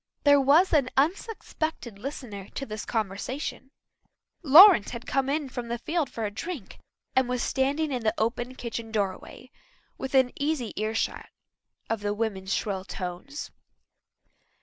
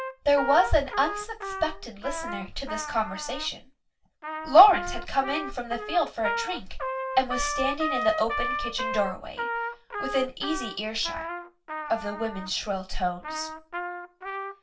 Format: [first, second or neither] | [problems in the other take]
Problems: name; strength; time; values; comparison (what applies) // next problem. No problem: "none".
first | background sound (Trumpet); 7 dB below the speech // room echo; dies away in 0.2 s